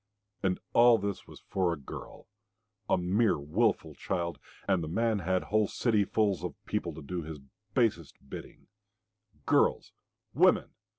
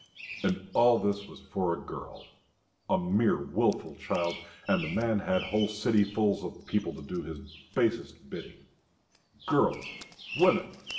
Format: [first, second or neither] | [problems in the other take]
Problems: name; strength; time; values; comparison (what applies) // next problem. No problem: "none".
first | background sound (Bird vocalization, bird call, bird song); 16 dB below the speech // room echo; dies away in 0.6 s